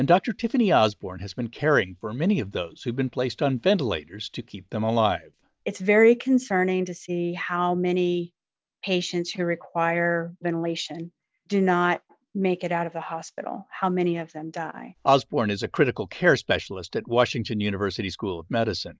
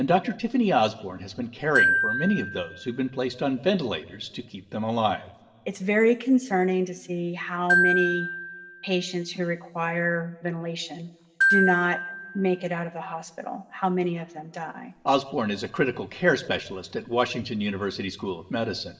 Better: first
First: none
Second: background sound (Glockenspiel); 2 dB below the speech // room echo; dies away in 1.8 s

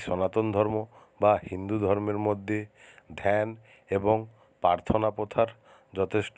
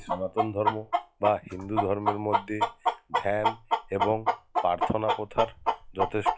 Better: first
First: none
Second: noise reduction (classical method log-MMSE)

